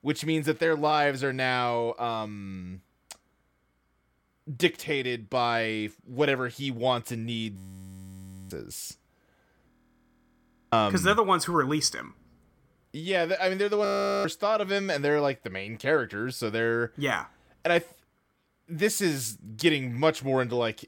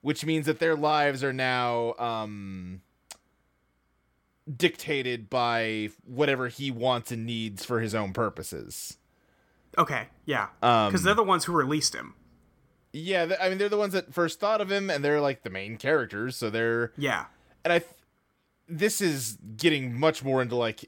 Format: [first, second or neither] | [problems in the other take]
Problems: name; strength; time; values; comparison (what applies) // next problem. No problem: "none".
second | audio freezing; at 7.5 s for 1 s, at 9.5 s for 1 s and at 14 s